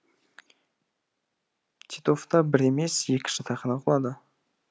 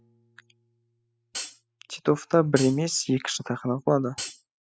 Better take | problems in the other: first | noise reduction (classical method spectral subtraction)

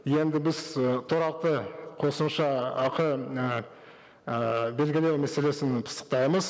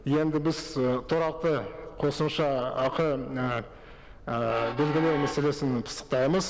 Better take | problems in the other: first | background sound (Train); 14 dB below the speech

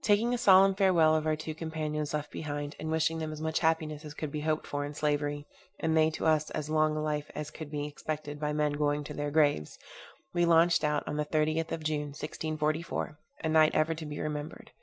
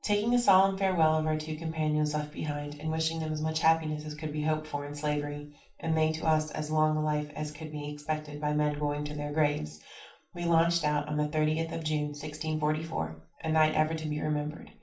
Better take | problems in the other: first | room echo; dies away in 0.3 s

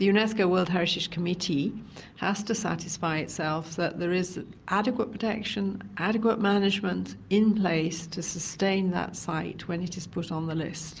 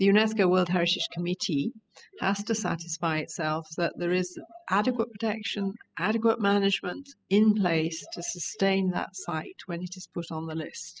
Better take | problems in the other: first | noise reduction (classical method spectral subtraction)

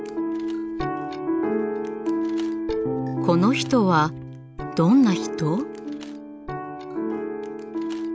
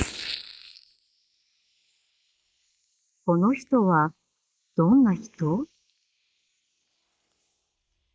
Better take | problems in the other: first | noise reduction (neural mask model Resemble Enhance denoiser)

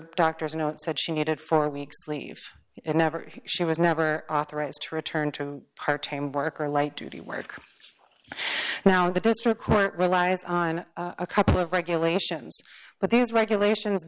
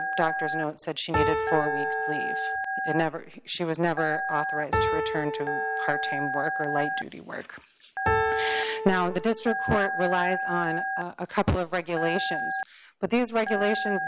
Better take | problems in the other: first | background sound (Telephone + Piano); 1 dB below the speech

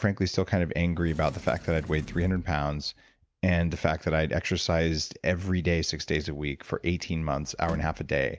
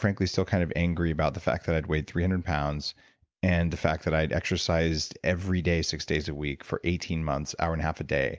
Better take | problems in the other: second | background sound (Sliding door); 19 dB below the speech

